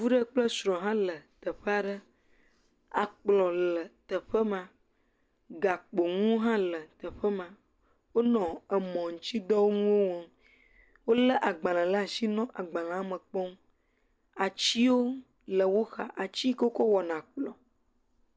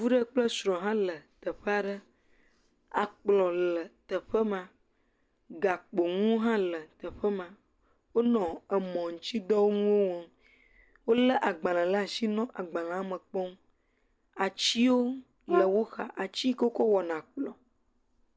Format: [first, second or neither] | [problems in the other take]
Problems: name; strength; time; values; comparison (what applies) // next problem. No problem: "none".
first | background sound (Brass instrument); 4 dB below the speech